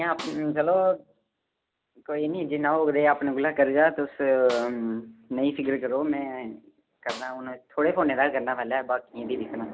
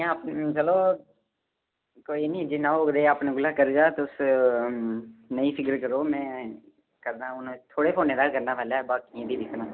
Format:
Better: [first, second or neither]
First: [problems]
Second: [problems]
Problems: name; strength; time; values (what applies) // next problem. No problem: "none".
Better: second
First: background sound (Snare drum); 17 dB below the speech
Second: none